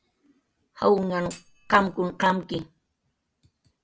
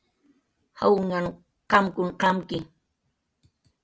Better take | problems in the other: second | background sound (Thump, thud); 20 dB below the speech

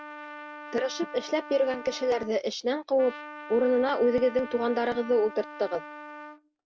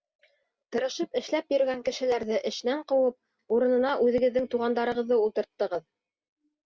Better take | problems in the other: second | background sound (Trumpet); 15 dB below the speech

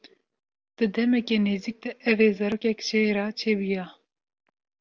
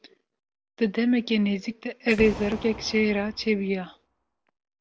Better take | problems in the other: first | background sound (Boom); 14 dB below the speech

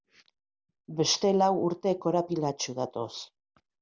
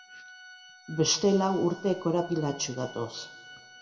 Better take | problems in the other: first | background sound (Organ); 19 dB below the speech // room echo; dies away in 1.4 s

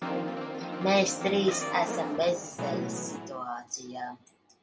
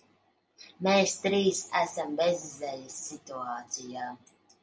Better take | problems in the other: second | background sound (Brass instrument); 4 dB below the speech

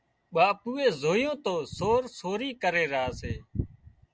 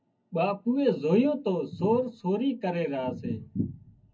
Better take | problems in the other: first | room echo; dies away in 0.4 s

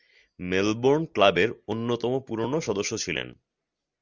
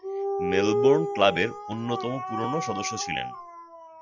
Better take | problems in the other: first | noise reduction (classical method log-MMSE)

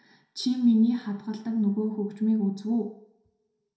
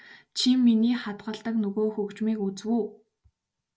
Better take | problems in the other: second | room echo; dies away in 0.6 s

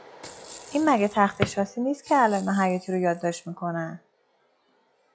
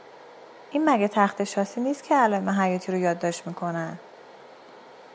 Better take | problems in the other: second | noise reduction (classical method log-MMSE)

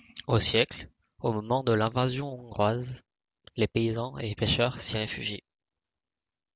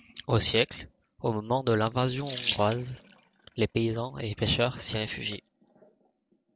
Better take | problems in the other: first | background sound (Sink (filling or washing) / Water tap, faucet); 14 dB below the speech

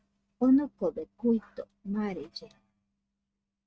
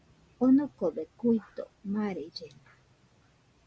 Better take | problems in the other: second | noise reduction (neural mask model RNNoise)

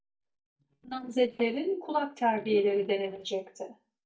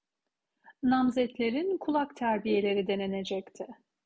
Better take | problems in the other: second | noise reduction (neural mask model DeepFilterNet 3)

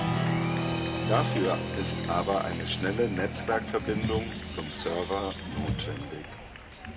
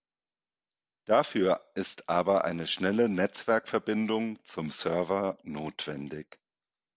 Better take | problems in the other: second | background sound (Applause); 1 dB above the speech // room echo; dies away in 1.4 s

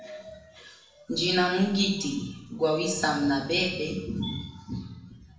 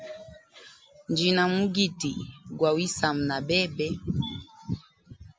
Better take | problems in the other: second | room echo; dies away in 0.8 s

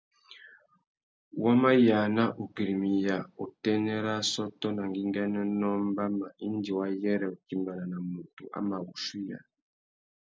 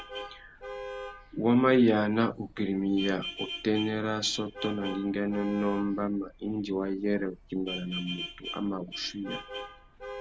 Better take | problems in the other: first | background sound (Vehicle horn, car horn, honking); 12 dB below the speech

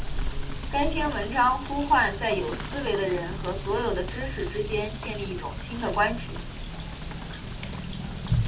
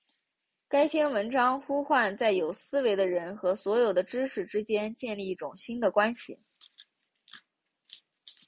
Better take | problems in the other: second | background sound (Motor vehicle (road) / Rain); 3 dB below the speech // room echo; dies away in 0.2 s

